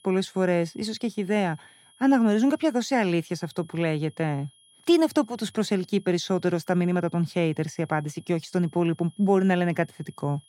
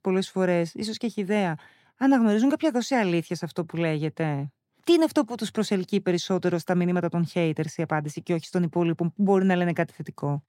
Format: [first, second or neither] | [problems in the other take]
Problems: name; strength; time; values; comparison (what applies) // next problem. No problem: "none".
second | high-pitched whine; faint; throughout; 3.5 kHz, 30 dB below the speech